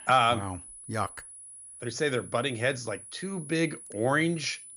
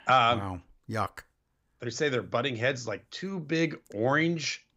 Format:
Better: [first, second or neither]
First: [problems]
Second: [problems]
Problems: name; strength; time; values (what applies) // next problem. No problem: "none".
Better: second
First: high-pitched whine; noticeable; throughout; 10 kHz, 15 dB below the speech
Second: none